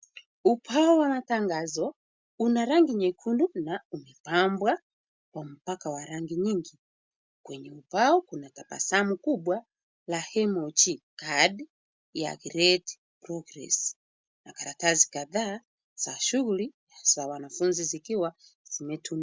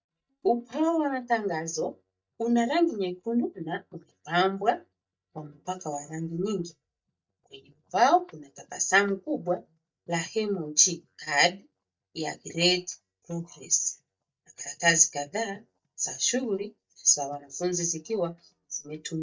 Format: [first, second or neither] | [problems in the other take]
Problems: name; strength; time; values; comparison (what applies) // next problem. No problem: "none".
first | noise reduction (neural mask model DeepFilterNet 3)